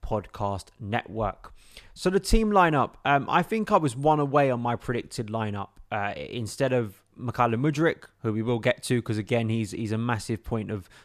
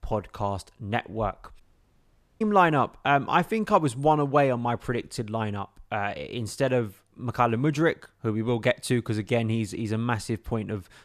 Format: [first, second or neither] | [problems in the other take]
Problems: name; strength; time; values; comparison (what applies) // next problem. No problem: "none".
first | audio cutting out; at 1.5 s for 1 s